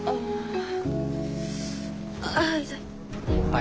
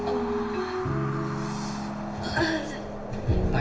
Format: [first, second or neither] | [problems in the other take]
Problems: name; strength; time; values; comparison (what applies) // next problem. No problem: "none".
first | background sound (Wind); 10 dB below the speech // room echo; dies away in 1 s